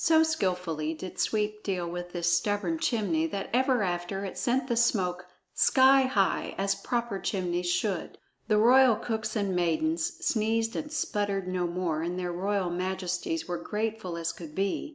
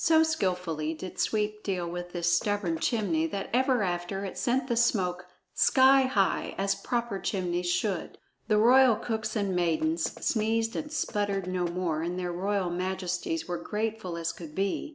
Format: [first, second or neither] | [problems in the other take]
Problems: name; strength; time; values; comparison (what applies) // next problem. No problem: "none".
first | background sound (Knock); 20 dB below the speech